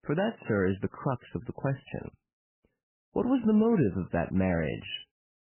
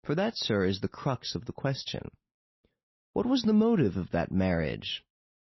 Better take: second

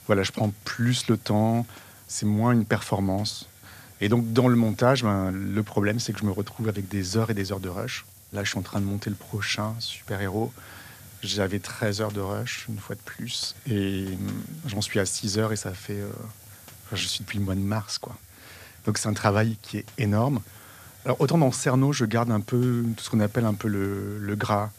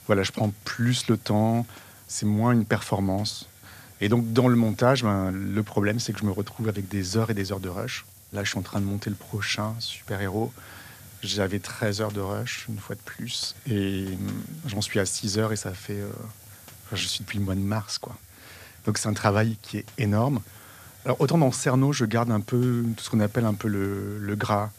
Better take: neither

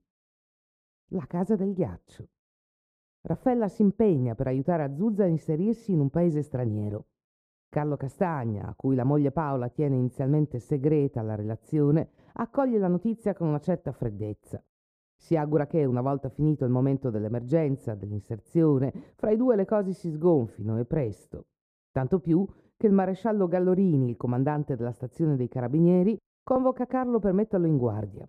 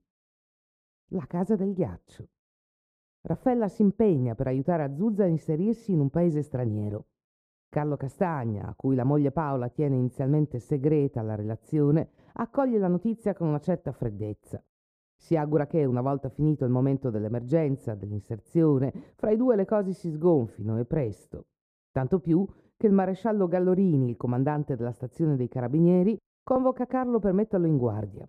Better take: neither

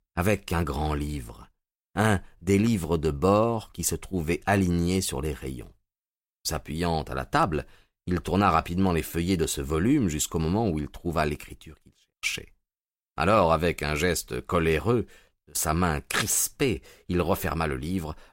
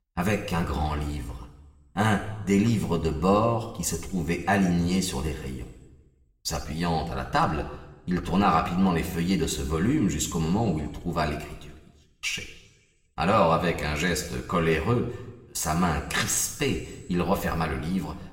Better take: first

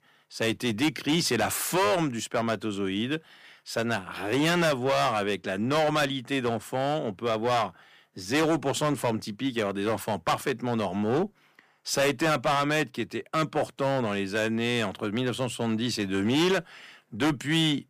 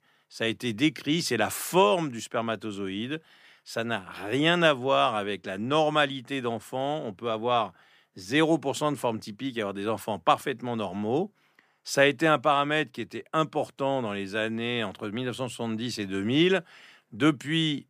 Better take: second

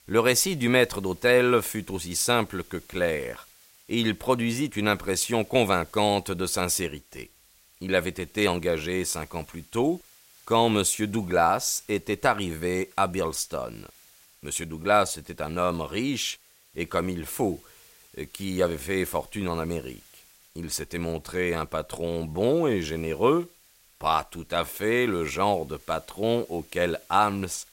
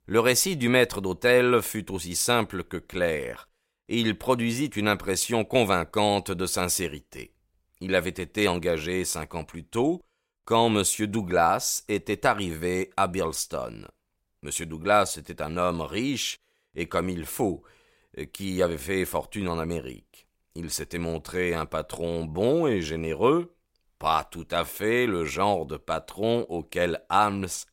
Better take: second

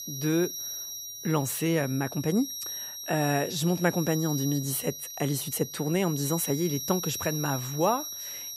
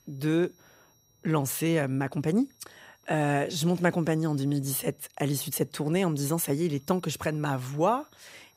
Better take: second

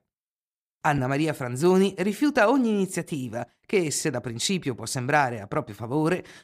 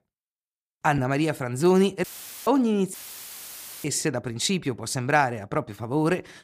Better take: first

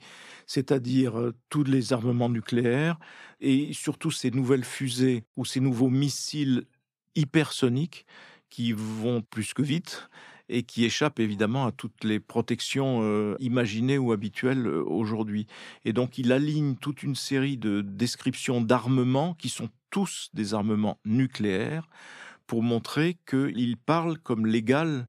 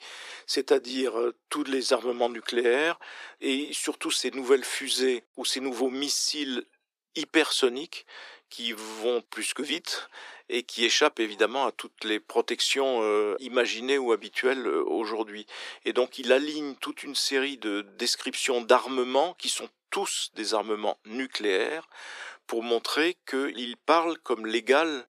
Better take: first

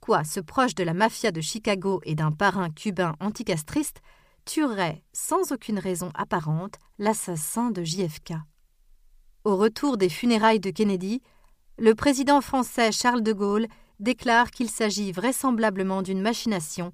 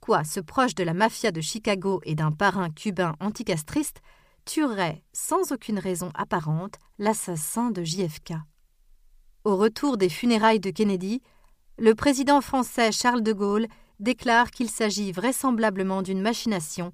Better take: neither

